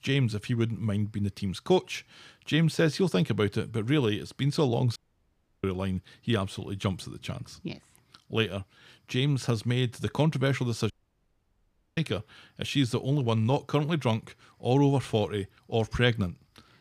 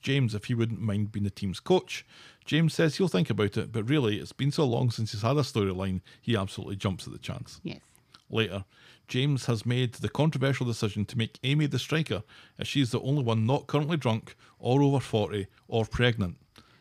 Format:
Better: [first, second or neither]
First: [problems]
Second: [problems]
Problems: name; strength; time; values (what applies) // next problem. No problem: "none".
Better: second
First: audio cutting out; at 5 s for 0.5 s and at 11 s for 1 s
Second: none